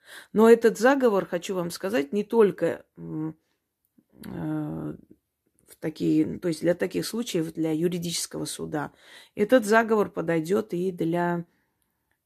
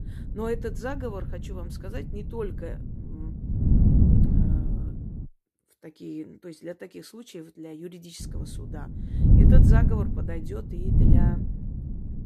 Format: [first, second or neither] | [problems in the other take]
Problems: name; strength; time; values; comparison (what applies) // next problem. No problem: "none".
first | wind noise on the microphone; heavy; until 5.5 s and from 8 s on; 4 dB above the speech